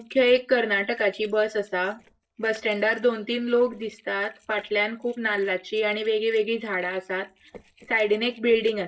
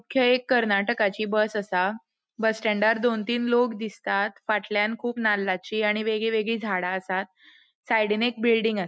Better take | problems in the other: second | noise reduction (neural separator model SepFormer DNS4)

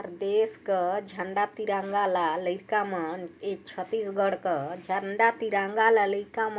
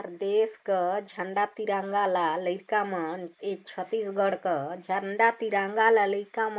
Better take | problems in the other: first | noise reduction (neural mask model Resemble Enhance denoiser)

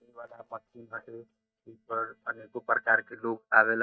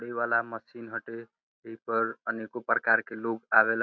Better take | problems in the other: second | noise reduction (neural mask model DeepFilterNet 3)

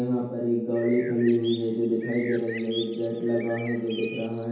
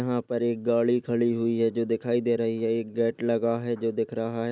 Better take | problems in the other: second | background sound (Bird); 15 dB below the speech // room echo; dies away in 0.8 s

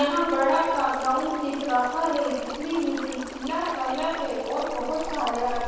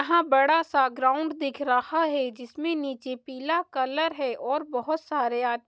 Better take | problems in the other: second | background sound (Stream); 10 dB below the speech // room echo; dies away in 1.2 s

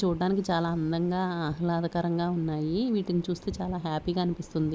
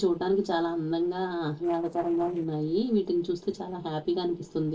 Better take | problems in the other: first | noise reduction (neural separator model SepFormer DNS4)

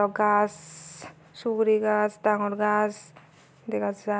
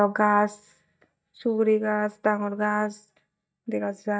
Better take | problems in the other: first | noise reduction (neural mask model DeepFilterNet 3)

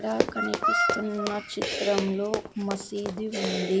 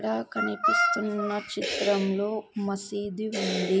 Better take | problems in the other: second | background sound (Run); 7 dB below the speech

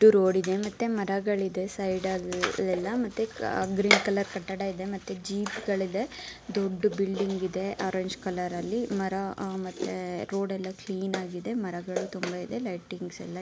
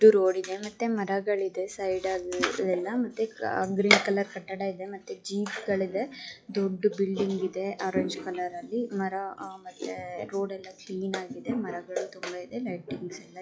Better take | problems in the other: first | noise reduction (classical method log-MMSE)

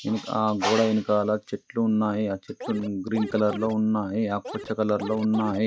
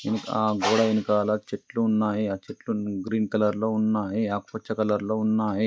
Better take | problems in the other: second | background sound (Scratching (performance technique)); 13 dB below the speech

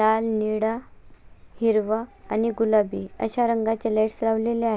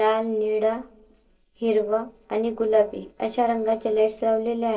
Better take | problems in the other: first | noise reduction (neural separator model SepFormer DNS4)

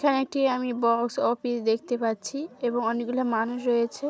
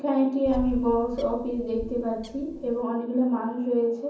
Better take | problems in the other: first | background sound (Bird); 13 dB below the speech // room echo; dies away in 0.7 s

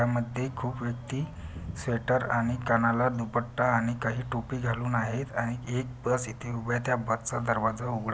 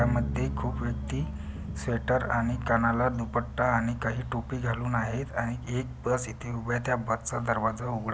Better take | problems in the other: first | background sound (Bass guitar); 8 dB below the speech

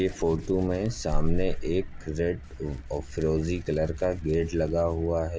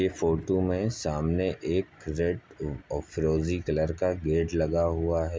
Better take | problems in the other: second | background sound (Hands); 4 dB below the speech

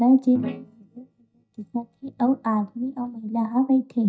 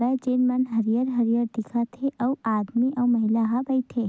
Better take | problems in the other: second | noise reduction (neural mask model DeepFilterNet 3)

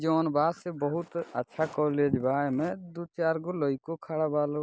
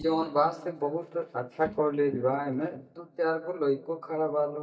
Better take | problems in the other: first | noise reduction (neural mask model DeepFilterNet 3)

